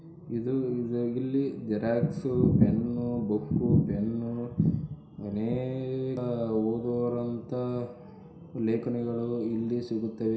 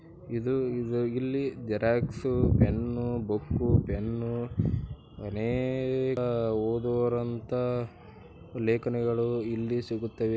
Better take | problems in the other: second | room echo; dies away in 0.7 s

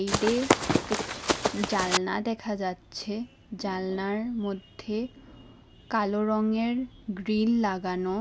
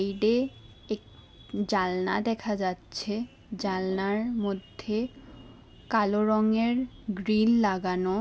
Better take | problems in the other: second | background sound (Run); 2 dB above the speech

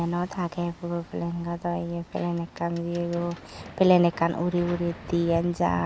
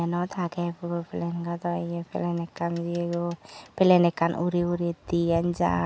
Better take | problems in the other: second | background sound (Hammer); 19 dB below the speech

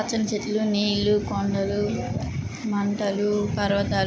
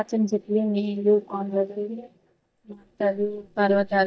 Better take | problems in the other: first | noise reduction (neural mask model DeepFilterNet 3)

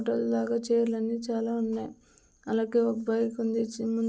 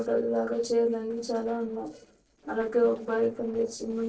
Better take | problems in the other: first | noise reduction (neural separator model SepFormer DNS4)

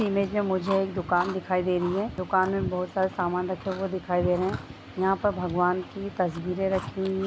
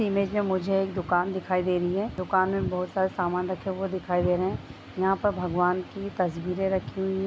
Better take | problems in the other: second | background sound (Chewing, mastication); 17 dB below the speech

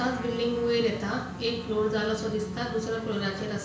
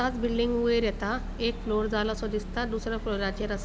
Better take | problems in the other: second | background sound (Trumpet); 19 dB below the speech // room echo; dies away in 0.5 s

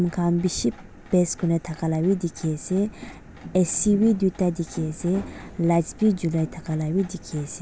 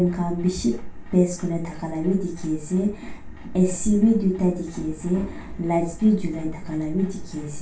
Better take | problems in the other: first | room echo; dies away in 0.3 s

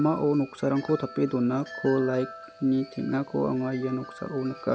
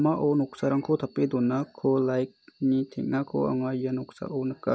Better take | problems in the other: second | background sound (Wind chime); 17 dB below the speech

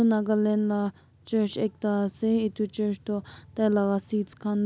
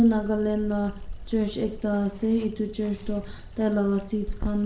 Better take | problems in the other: first | background sound (Water); 11 dB below the speech // room echo; dies away in 0.5 s

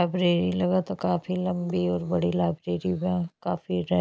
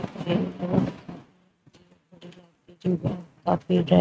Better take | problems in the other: first | noise reduction (neural mask model RNNoise)

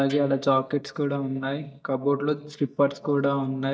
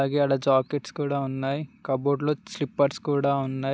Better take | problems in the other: second | noise reduction (neural mask model DeepFilterNet 3)

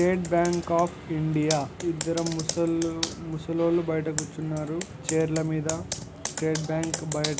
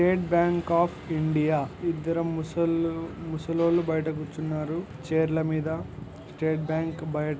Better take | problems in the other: second | background sound (Computer keyboard); 10 dB below the speech

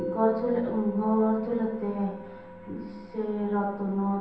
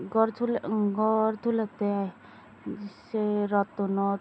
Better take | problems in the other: second | background sound (Musical instrument); 11 dB below the speech // room echo; dies away in 0.9 s

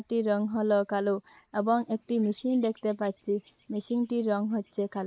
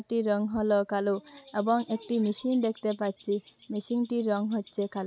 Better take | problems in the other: second | noise reduction (neural mask model Resemble Enhance denoiser)

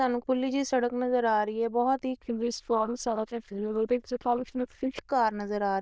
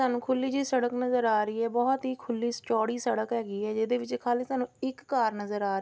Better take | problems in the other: second | noise reduction (neural diffusion model UNIVERSE++)

